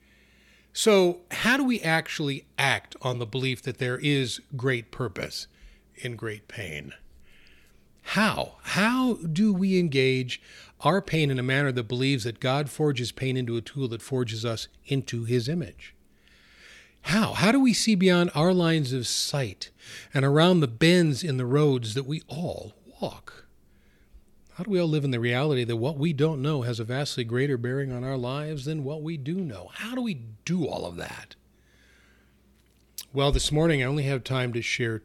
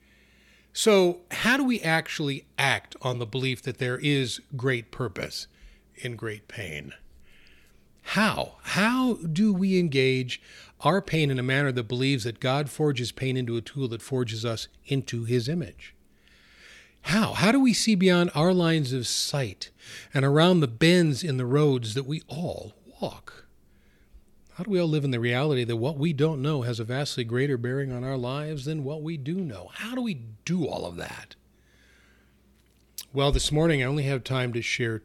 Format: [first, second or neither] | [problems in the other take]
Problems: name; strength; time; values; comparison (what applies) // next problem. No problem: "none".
neither | none